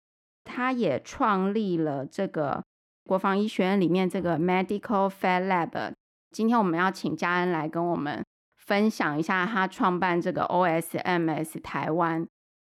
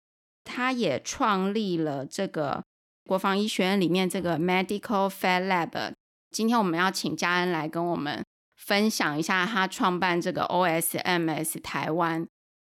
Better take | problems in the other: second | muffled; slightly; fading above 2.5 kHz

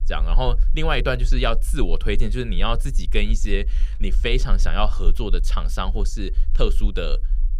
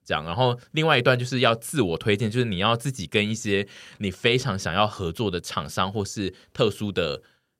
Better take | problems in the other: second | low rumble; faint; throughout; 25 dB below the speech

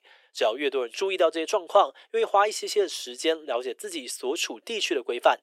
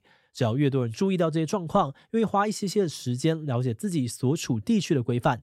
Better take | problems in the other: second | thin; very; fading below 350 Hz

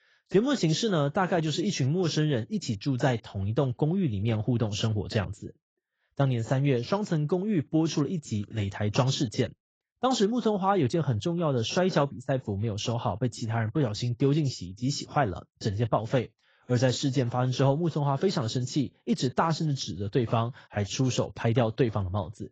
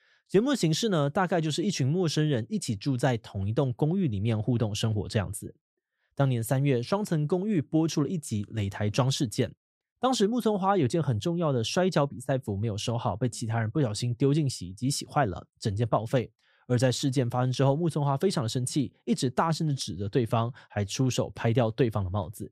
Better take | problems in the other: second | garbled, watery; badly; nothing above 7.5 kHz

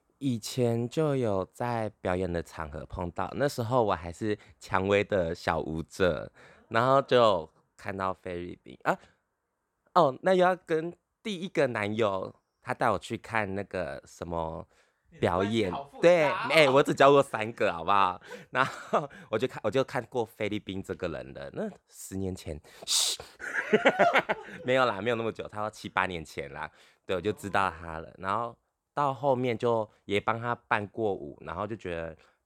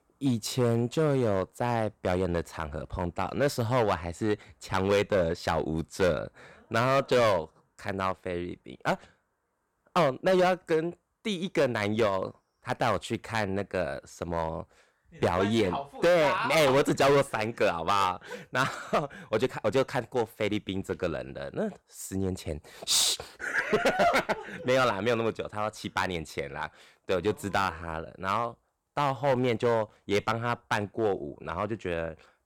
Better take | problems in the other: first | distortion; heavy; 5% of the sound clipped

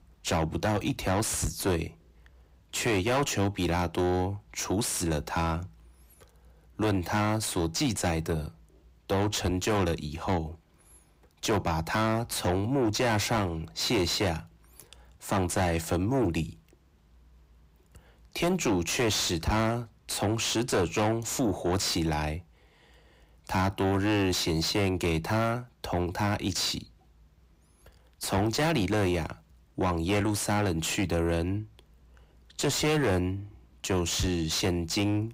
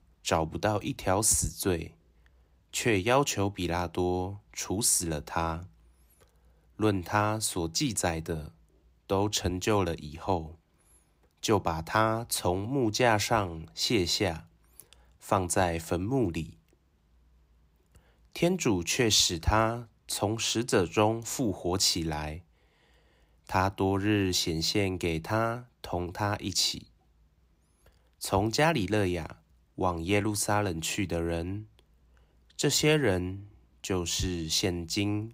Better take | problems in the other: second | distortion; heavy; 6 dB below the speech

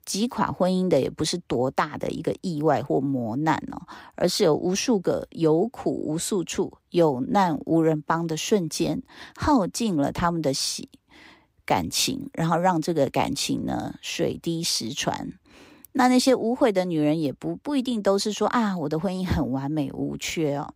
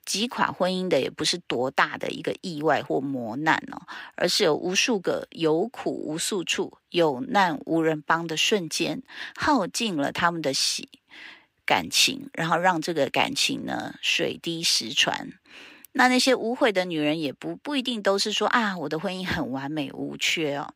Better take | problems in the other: first | thin; very slightly; fading below 500 Hz

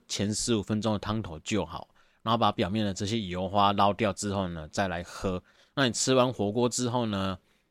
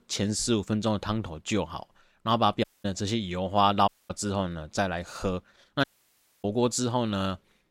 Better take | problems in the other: first | audio cutting out; at 2.5 s, at 4 s and at 6 s for 0.5 s

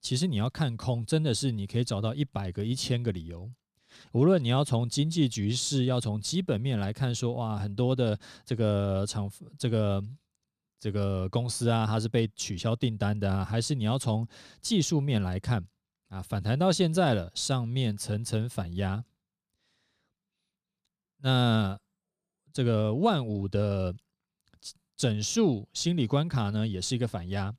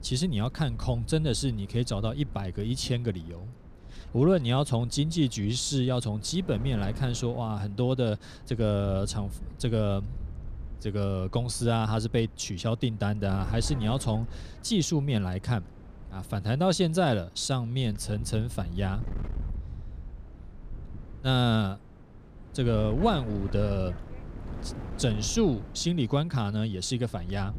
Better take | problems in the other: first | wind noise on the microphone; occasional gusts; 20 dB below the speech

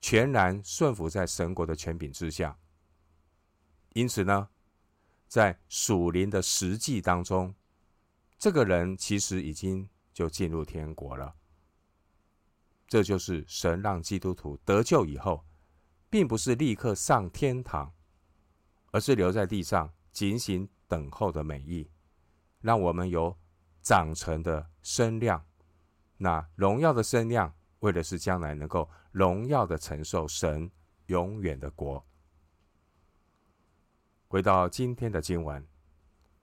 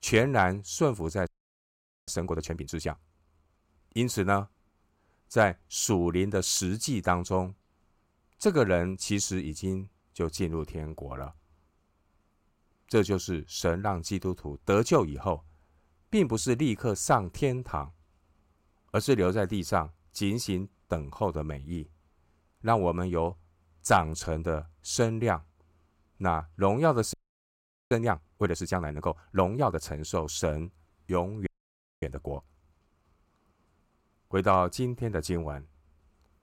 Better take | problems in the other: first | audio freezing; at 1.5 s for 1 s, at 27 s for 1 s and at 31 s for 0.5 s

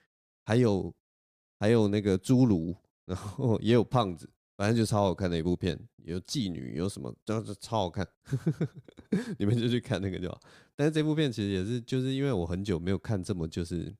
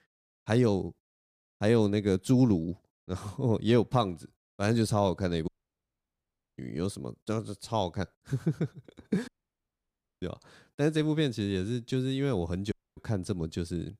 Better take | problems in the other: first | audio cutting out; at 5.5 s for 1 s, at 9.5 s for 1 s and at 13 s

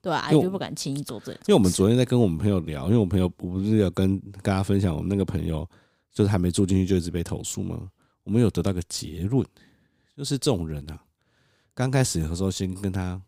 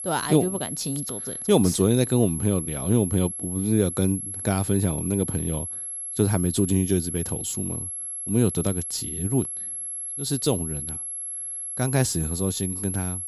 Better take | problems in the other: first | high-pitched whine; loud; throughout; 11 kHz, 5 dB below the speech

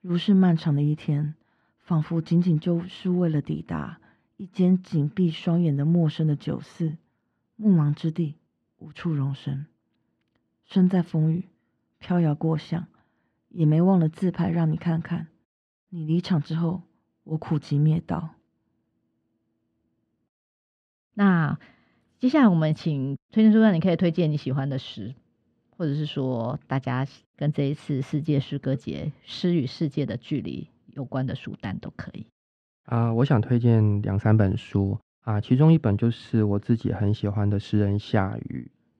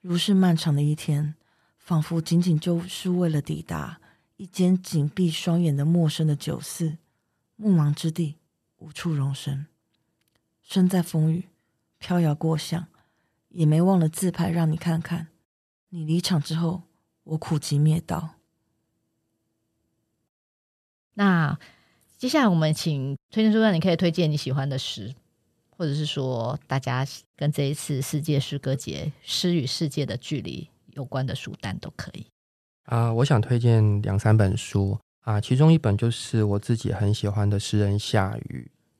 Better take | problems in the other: second | muffled; slightly; fading above 2.5 kHz

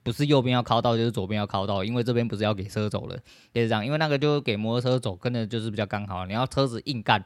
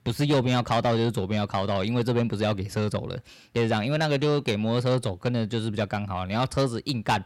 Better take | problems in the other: first | distortion; slight; 10 dB below the speech

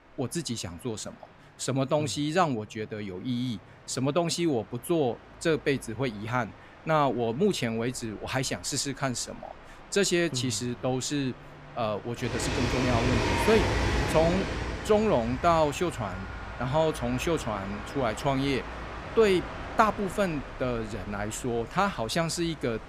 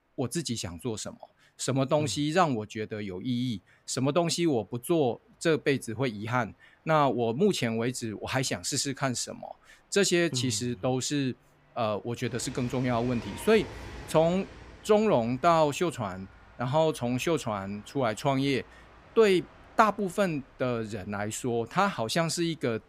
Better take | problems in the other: second | train or aircraft noise; loud; throughout; 5 dB below the speech; faint in the second

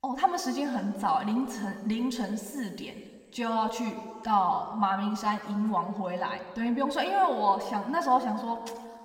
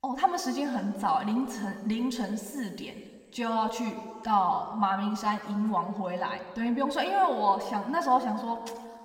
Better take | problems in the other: neither | room echo; slight; dies away in 1.9 s; the same in both

